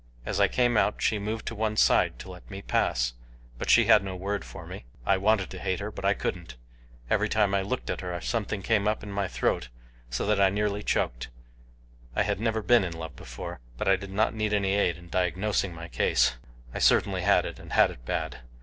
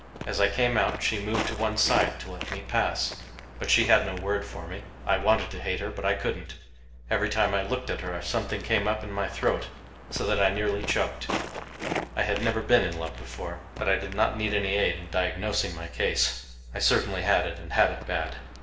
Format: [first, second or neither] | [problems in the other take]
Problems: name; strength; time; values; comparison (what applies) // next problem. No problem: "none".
first | background sound (Walk, footsteps); 12 dB below the speech // room echo; dies away in 0.7 s